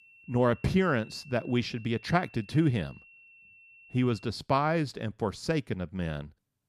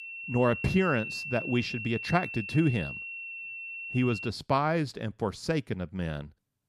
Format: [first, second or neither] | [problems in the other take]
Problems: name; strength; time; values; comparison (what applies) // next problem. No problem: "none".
first | high-pitched whine; loud; until 4.5 s; 2.5 kHz, 7 dB below the speech; faint in the first